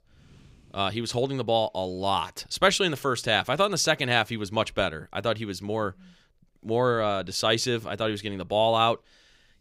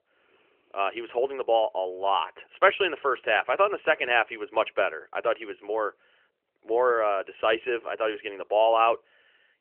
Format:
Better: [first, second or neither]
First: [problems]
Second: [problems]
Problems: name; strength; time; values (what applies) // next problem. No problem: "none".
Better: first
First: none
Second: phone-call audio; nothing above 3 kHz